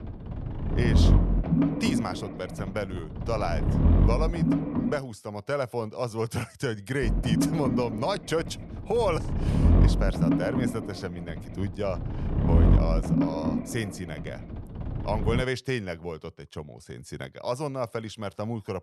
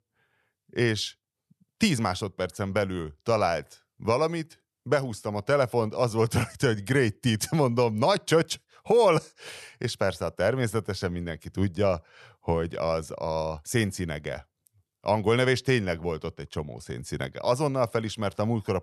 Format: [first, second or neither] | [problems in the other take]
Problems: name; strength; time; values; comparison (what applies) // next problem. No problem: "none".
second | low rumble; loud; until 5 s and from 7 to 15 s; 2 dB below the speech